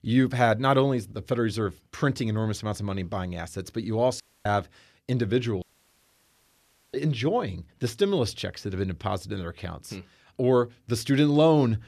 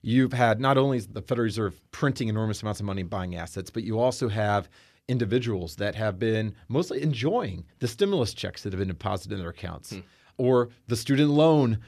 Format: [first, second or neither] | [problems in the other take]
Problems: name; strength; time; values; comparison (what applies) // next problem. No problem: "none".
second | audio cutting out; at 4 s and at 5.5 s for 1.5 s